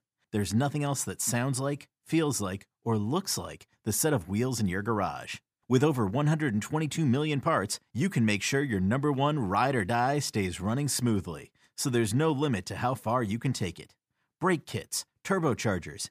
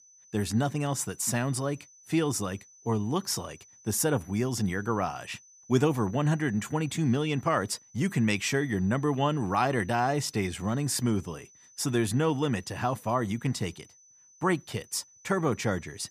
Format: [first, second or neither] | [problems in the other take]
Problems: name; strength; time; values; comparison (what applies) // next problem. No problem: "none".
first | high-pitched whine; faint; throughout; 6 kHz, 25 dB below the speech